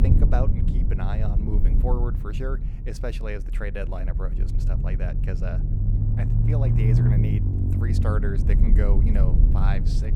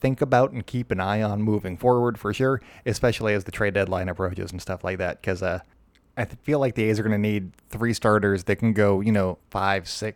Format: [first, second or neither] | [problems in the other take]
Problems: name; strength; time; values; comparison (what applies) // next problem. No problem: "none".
second | low rumble; loud; throughout; 1 dB below the speech